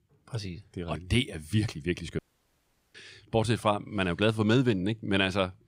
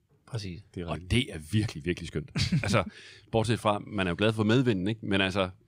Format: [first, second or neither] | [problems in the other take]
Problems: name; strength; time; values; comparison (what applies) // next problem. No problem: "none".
second | audio cutting out; at 2 s for 1 s